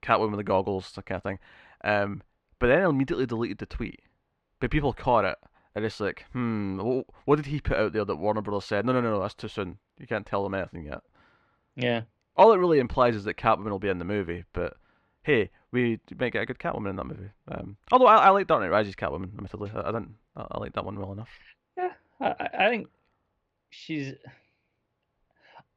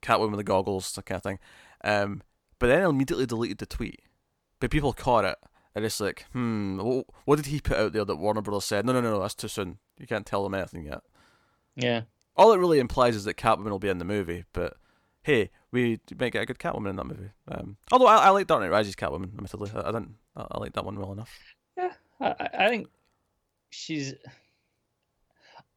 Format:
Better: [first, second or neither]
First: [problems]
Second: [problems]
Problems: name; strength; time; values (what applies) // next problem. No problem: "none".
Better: second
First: muffled; slightly; fading above 2.5 kHz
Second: none